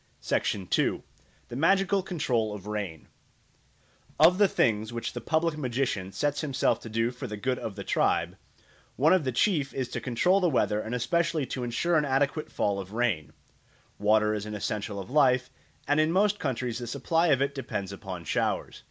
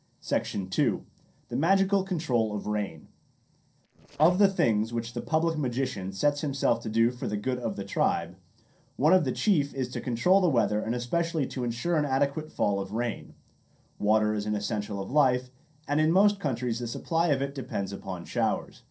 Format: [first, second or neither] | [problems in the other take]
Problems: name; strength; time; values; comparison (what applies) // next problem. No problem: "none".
first | noise reduction (neural separator model SepFormer DNS4)